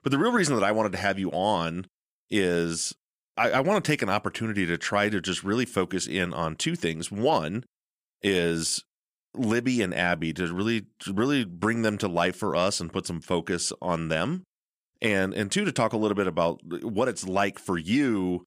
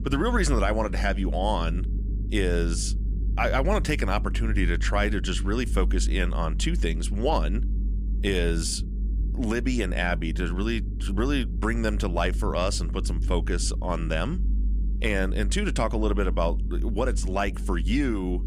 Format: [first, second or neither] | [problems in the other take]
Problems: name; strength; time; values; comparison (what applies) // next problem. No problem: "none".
first | low rumble; noticeable; throughout; 15 dB below the speech